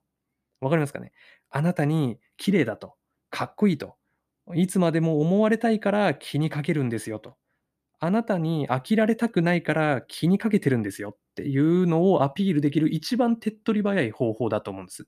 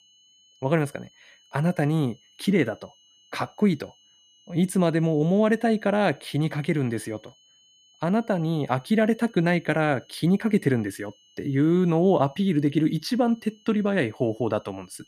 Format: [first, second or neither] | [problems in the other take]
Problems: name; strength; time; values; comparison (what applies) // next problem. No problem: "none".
first | high-pitched whine; faint; throughout; 3 kHz, 30 dB below the speech